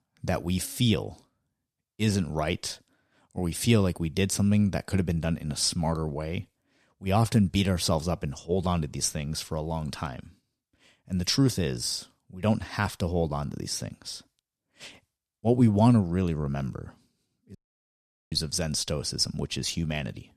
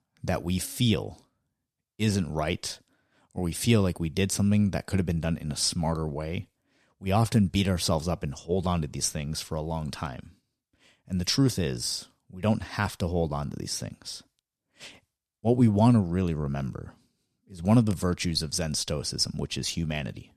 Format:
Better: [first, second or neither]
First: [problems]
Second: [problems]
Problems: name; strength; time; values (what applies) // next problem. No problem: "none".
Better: second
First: audio cutting out; at 18 s for 1 s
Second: none